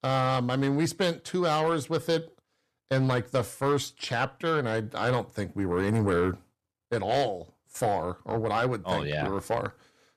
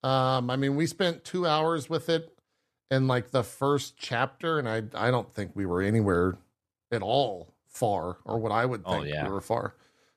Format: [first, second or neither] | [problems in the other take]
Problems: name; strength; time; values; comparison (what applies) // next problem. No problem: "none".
second | distortion; slight; 10 dB below the speech